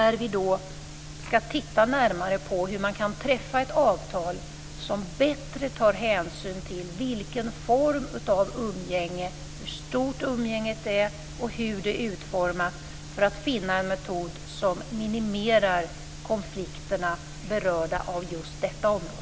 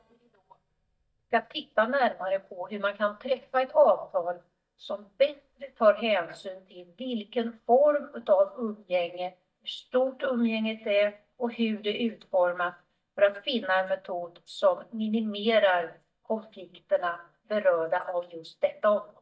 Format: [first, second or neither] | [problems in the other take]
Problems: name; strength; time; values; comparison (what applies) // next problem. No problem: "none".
first | noise reduction (neural mask model DeepFilterNet 3)